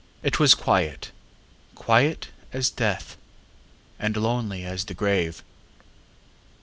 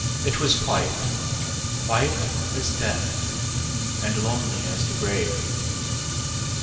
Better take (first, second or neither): first